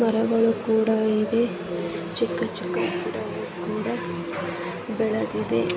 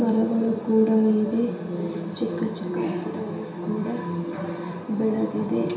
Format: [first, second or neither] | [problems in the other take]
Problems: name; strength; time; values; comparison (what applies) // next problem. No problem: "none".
first | room echo; dies away in 0.7 s